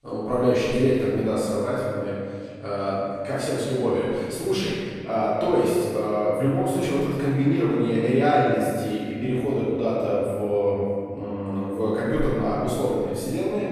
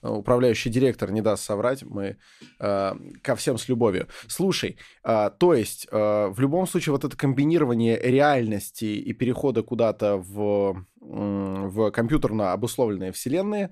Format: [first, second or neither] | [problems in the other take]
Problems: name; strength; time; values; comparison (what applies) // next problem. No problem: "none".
second | off-mic speech; far // room echo; strong; dies away in 2 s